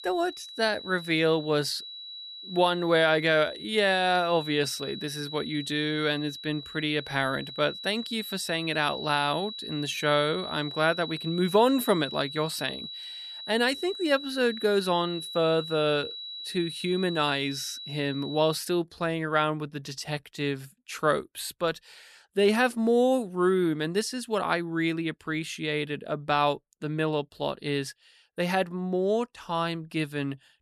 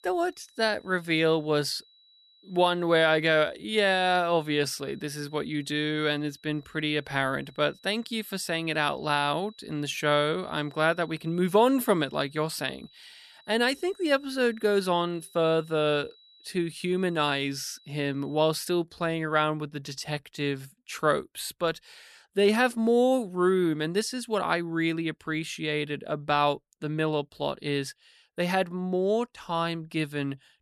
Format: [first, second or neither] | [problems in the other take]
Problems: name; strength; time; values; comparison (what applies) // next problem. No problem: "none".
second | high-pitched whine; loud; until 19 s; 4 kHz, 10 dB below the speech; faint in the second